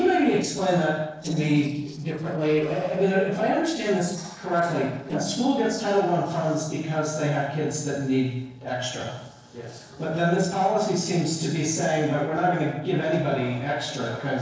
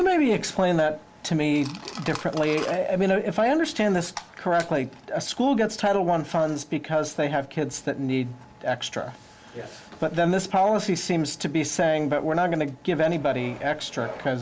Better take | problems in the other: second | noise reduction (neural separator model SepFormer DNS4)

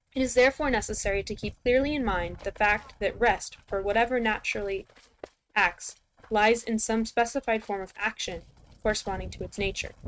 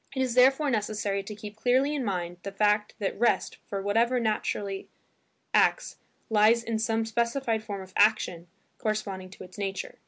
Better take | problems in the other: second | noise reduction (neural mask model RNNoise)

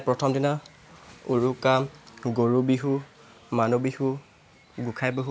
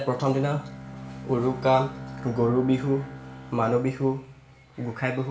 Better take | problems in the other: first | background sound (Bowed string instrument); 14 dB below the speech // room echo; dies away in 0.5 s

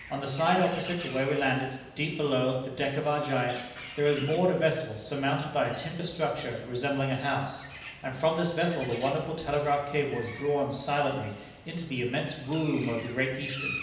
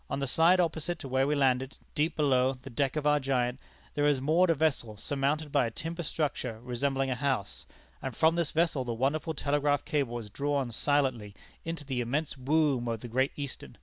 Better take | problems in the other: second | background sound (Bird); 15 dB below the speech // room echo; dies away in 0.9 s

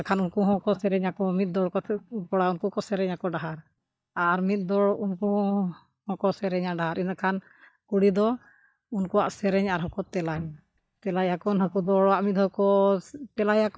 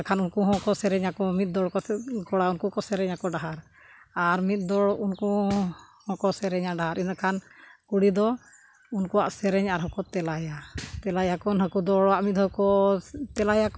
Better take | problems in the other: second | noise reduction (neural mask model DeepFilterNet 3)

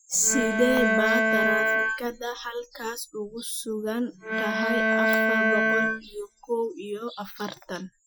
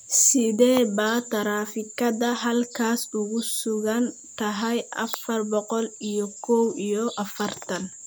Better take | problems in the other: second | noise reduction (classical method Wiener filter)

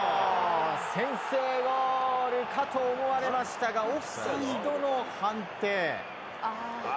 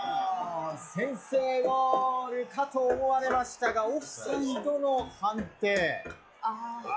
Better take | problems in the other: first | noise reduction (classical method log-MMSE)

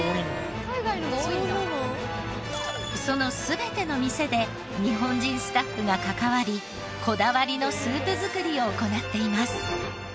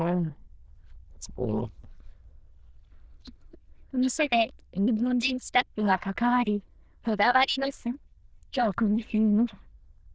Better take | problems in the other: first | noise reduction (neural diffusion model UNIVERSE++)

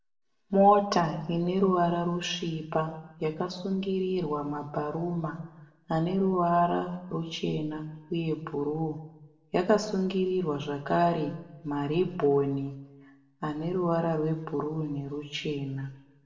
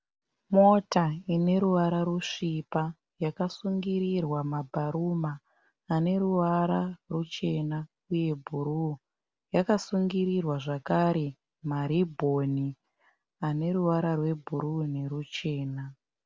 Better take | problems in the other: second | room echo; dies away in 0.7 s

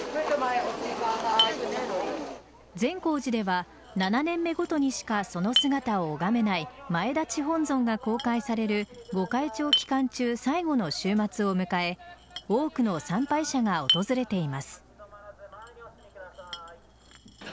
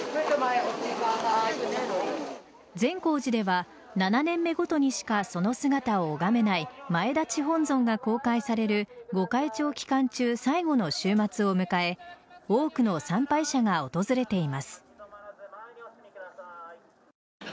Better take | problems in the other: second | background sound (Chink, clink); 9 dB below the speech

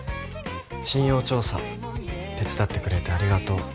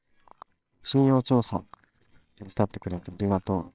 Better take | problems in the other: first | noise reduction (neural separator model SepFormer WHAMR!)

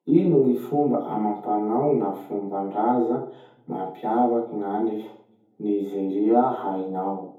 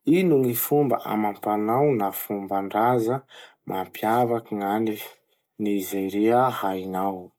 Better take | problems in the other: second | room echo; dies away in 0.6 s

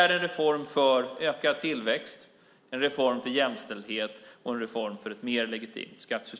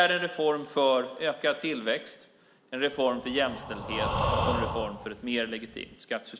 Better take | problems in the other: first | background sound (Breathing); 3 dB below the speech

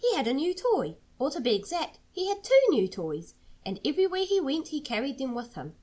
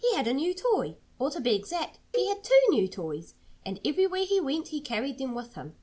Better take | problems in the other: first | background sound (Cowbell); 10 dB below the speech

